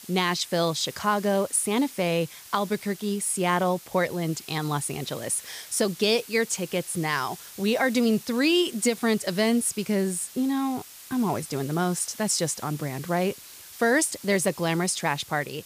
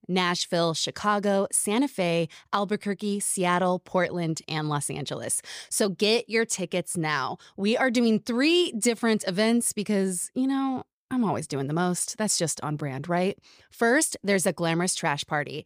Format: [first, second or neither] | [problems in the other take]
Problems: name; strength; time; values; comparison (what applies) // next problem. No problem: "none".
second | hiss; noticeable; throughout; 15 dB below the speech